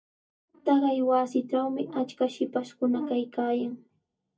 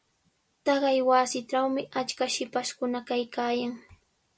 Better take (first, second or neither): second